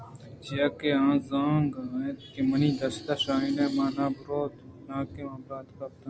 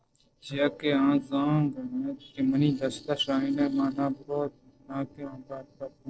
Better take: first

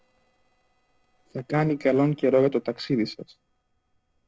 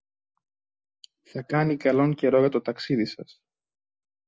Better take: second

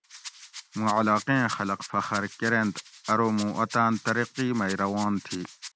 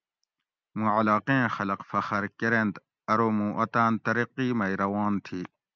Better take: second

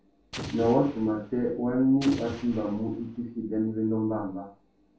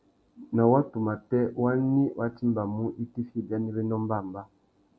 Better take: second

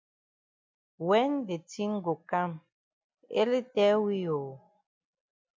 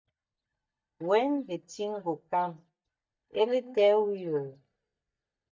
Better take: first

